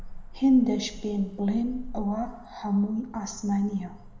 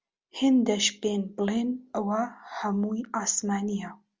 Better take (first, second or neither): second